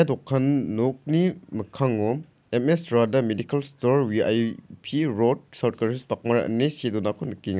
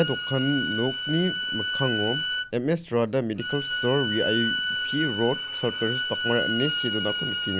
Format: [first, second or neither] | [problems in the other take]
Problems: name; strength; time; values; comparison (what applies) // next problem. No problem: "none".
first | background sound (Bowed string instrument); 2 dB below the speech